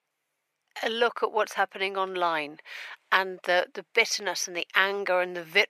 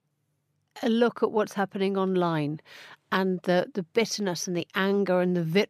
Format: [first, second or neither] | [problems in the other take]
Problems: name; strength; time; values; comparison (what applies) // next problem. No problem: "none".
second | thin; very; fading below 700 Hz